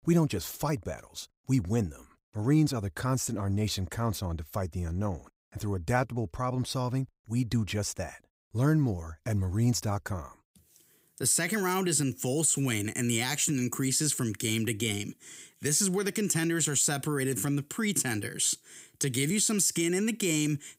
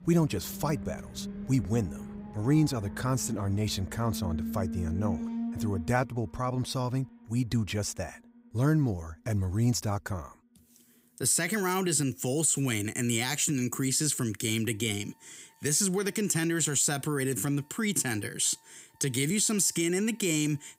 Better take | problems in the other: first | alarms or sirens; noticeable; throughout; 10 dB below the speech

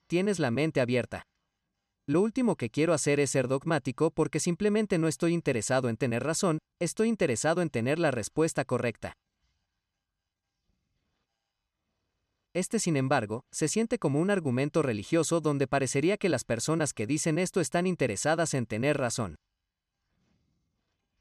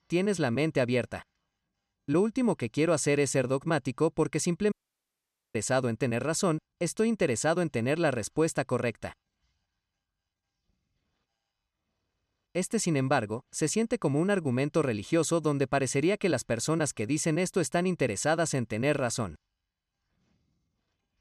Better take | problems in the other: first | audio cutting out; at 4.5 s for 1 s

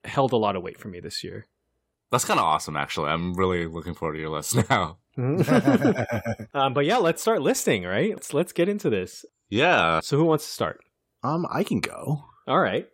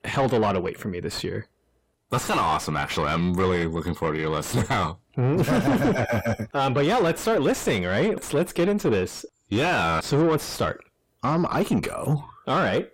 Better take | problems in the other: first | distortion; heavy; 6 dB below the speech

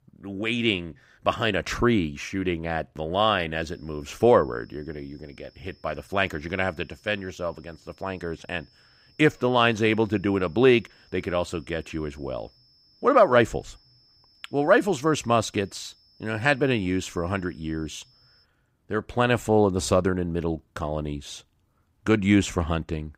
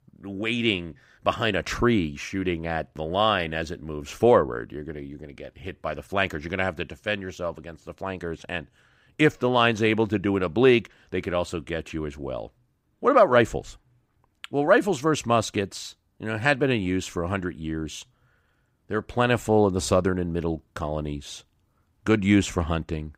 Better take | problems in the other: second | high-pitched whine; faint; from 3.5 to 18 s; 5.5 kHz, 35 dB below the speech

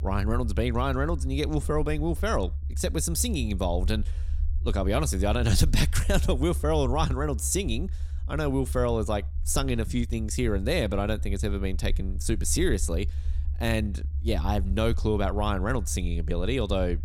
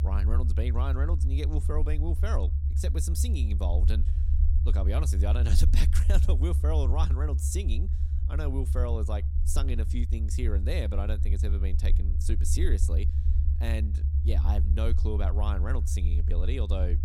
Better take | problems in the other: first | low rumble; loud; throughout; 7 dB below the speech; faint in the first

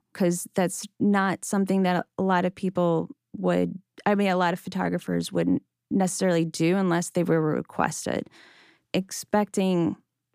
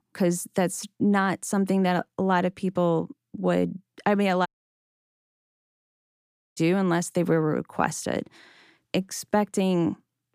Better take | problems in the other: first | audio cutting out; at 4.5 s for 2 s

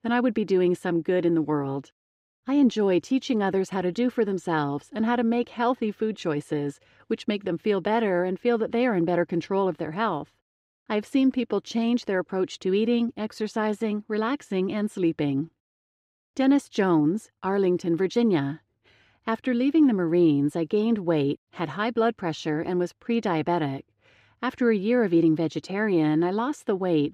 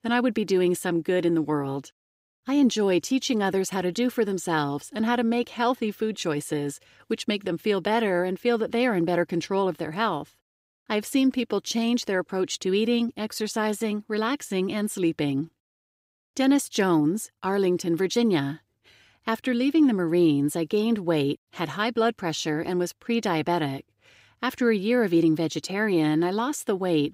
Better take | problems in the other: second | muffled; slightly; fading above 2 kHz

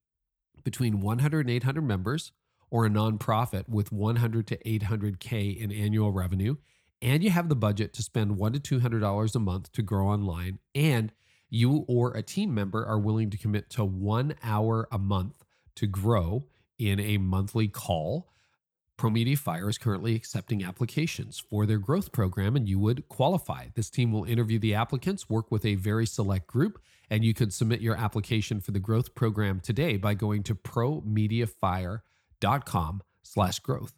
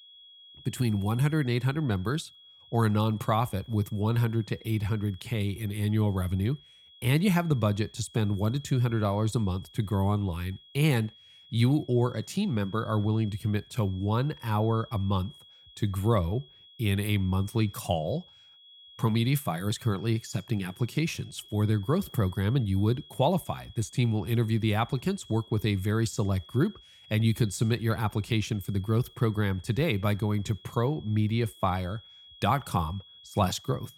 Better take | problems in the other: first | high-pitched whine; faint; throughout; 3.5 kHz, 25 dB below the speech

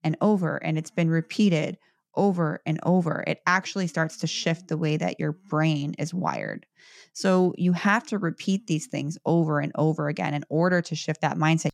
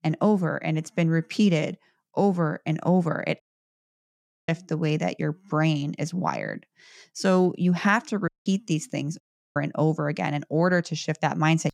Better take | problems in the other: first | audio cutting out; at 3.5 s for 1 s, at 8.5 s and at 9 s

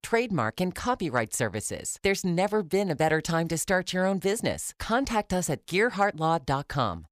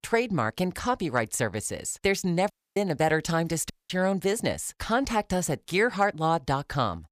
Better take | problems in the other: first | audio cutting out; at 2.5 s and at 3.5 s

